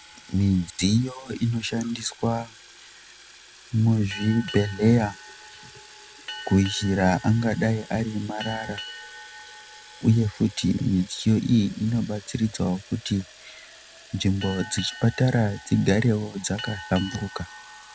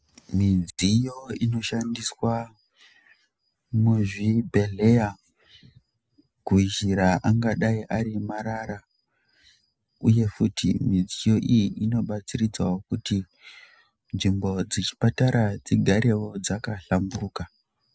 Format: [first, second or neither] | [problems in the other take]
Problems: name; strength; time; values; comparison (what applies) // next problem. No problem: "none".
second | background sound (Boat, Water vehicle + Fill (with liquid) / Water tap, faucet); 17 dB below the speech